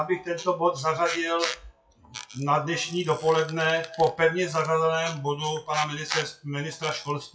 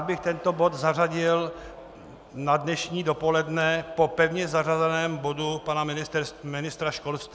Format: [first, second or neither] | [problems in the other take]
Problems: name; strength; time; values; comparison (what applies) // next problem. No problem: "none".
second | noise reduction (classical method WPE with log-MMSE)